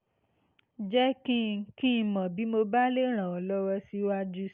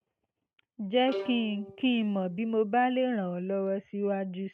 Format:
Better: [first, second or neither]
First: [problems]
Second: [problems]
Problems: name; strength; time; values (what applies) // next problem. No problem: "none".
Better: first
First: none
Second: noise reduction (neural mask model RNNoise)